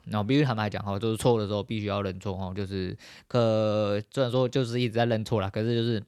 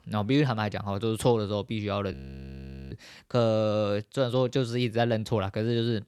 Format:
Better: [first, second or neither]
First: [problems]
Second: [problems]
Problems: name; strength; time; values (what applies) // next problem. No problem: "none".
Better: first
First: none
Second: audio freezing; at 2 s for 1 s